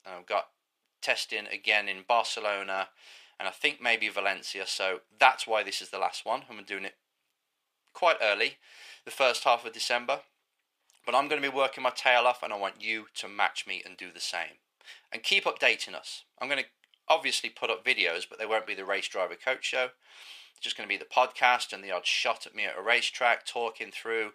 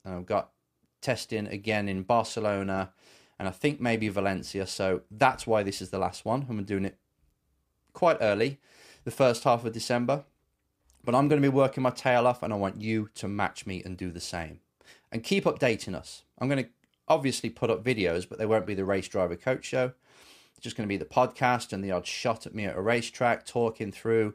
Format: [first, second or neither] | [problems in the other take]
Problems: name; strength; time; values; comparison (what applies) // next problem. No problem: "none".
second | thin; very; fading below 650 Hz